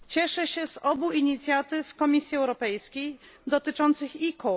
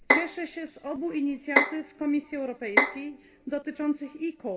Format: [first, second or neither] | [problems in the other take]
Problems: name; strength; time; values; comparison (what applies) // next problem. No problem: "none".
first | background sound (Bowed string instrument); 3 dB above the speech // room echo; dies away in 2.8 s